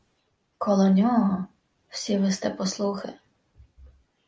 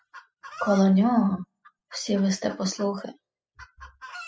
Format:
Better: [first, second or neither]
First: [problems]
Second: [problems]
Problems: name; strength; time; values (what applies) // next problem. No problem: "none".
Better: first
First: none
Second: noise reduction (classical method spectral subtraction)